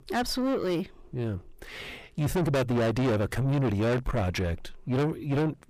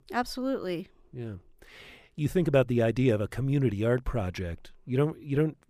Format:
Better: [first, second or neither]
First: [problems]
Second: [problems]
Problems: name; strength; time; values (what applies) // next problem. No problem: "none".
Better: second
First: distortion; heavy; 5 dB below the speech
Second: none